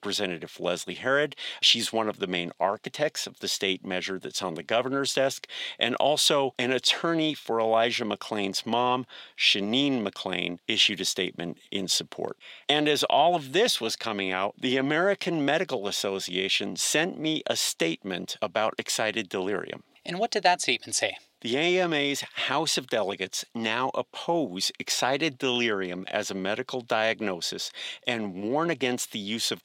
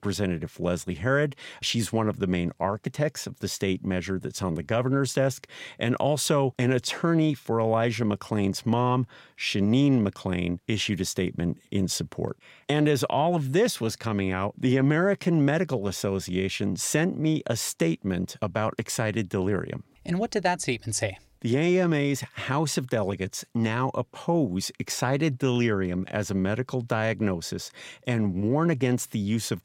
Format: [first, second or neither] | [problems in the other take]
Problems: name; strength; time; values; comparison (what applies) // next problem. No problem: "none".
second | thin; somewhat; fading below 300 Hz